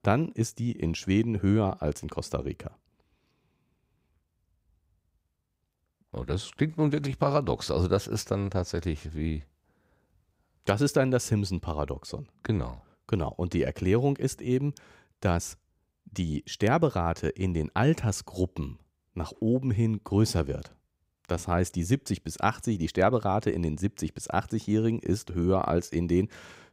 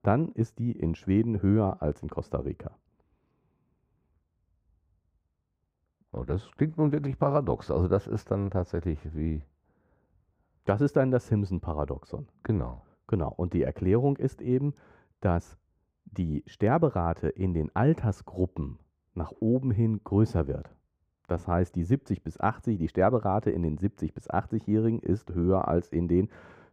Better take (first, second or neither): first